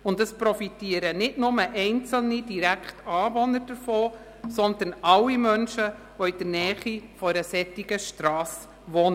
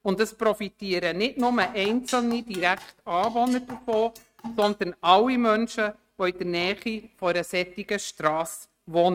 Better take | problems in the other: first | noise reduction (neural mask model RNNoise)

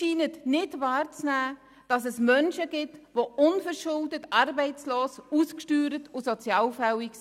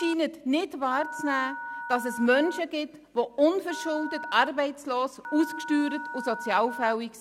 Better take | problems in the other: first | background sound (Telephone); 11 dB below the speech

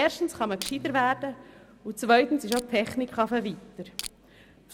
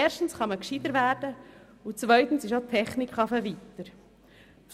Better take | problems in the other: second | background sound (Crushing); 11 dB below the speech

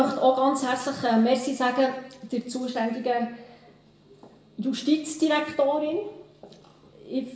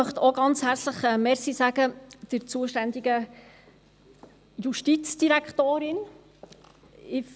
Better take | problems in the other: second | room echo; dies away in 0.7 s

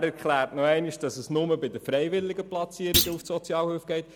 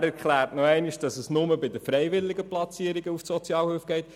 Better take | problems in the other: second | background sound (Thump, thud); 2 dB below the speech

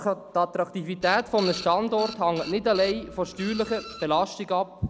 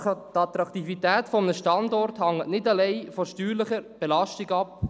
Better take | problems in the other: second | background sound (Printer); 14 dB below the speech

